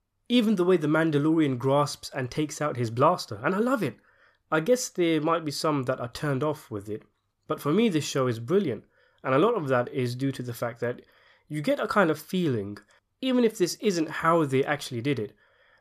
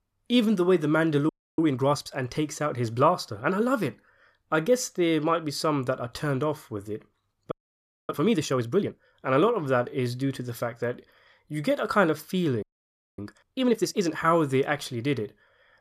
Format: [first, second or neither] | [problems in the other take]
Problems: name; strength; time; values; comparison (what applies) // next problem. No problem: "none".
first | audio freezing; at 1.5 s, at 7.5 s for 0.5 s and at 13 s for 0.5 s